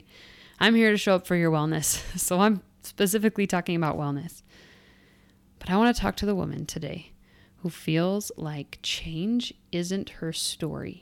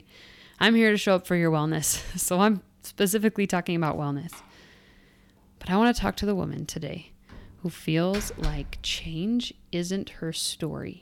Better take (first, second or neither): first